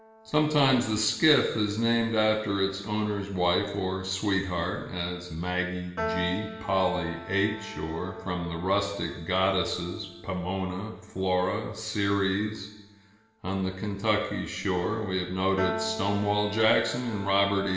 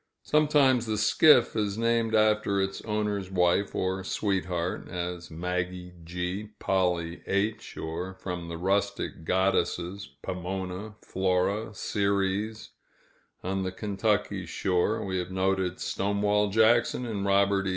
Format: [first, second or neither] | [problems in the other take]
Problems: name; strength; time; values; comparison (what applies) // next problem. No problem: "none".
second | background sound (Piano); 14 dB below the speech // room echo; dies away in 1.1 s